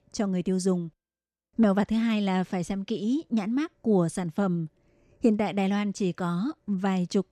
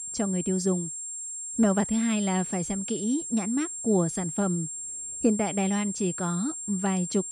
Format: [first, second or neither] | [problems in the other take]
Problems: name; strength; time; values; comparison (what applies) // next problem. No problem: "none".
first | high-pitched whine; loud; throughout; 7.5 kHz, 5 dB below the speech